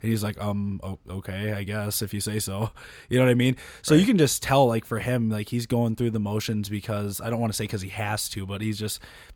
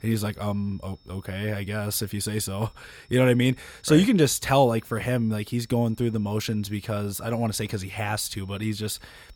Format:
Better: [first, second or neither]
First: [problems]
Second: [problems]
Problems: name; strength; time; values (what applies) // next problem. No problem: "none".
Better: first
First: none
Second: high-pitched whine; faint; throughout; 5.5 kHz, 35 dB below the speech